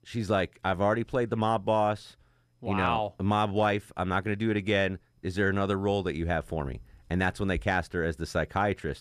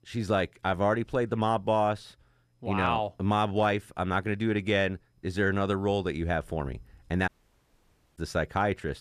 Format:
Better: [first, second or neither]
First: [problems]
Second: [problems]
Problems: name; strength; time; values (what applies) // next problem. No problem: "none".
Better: first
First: none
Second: audio cutting out; at 7.5 s for 1 s